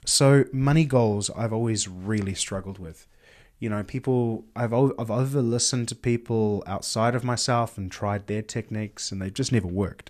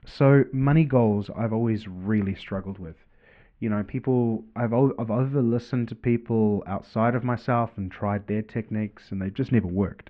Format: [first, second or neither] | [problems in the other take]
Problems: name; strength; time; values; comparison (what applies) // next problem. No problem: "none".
first | muffled; very; fading above 2.5 kHz